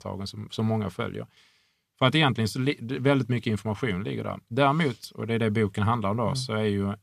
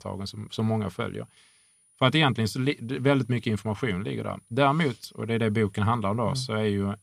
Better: first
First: none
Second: high-pitched whine; faint; throughout; 9.5 kHz, 35 dB below the speech

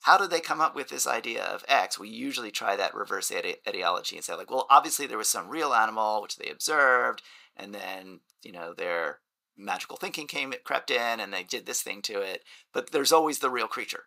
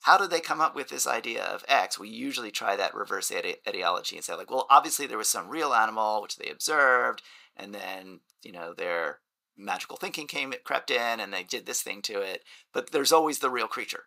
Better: neither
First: thin; very; fading below 650 Hz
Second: thin; very; fading below 650 Hz

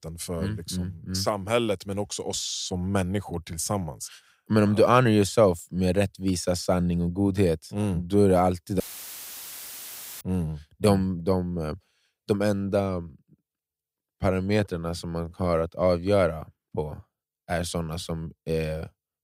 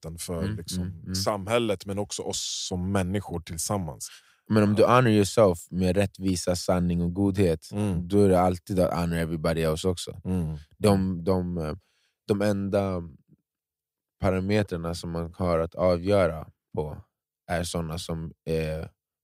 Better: second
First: audio cutting out; filled with static; at 9 s for 1.5 s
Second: none

